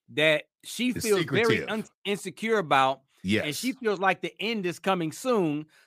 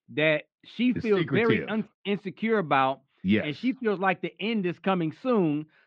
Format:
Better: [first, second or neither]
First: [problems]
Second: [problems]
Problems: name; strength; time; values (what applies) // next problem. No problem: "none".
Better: first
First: none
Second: muffled; slightly; fading above 3.5 kHz